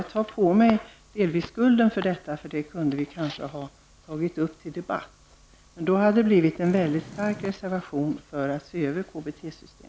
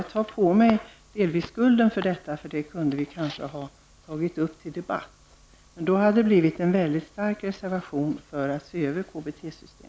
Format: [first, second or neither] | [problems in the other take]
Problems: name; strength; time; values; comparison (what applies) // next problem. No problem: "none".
second | background sound (Purr); 14 dB below the speech